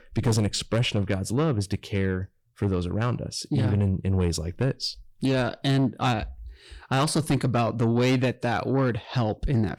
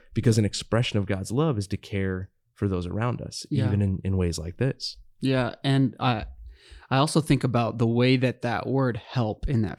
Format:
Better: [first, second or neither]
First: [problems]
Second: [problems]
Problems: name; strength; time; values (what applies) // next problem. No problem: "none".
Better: second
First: distortion; slight; 10 dB below the speech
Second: none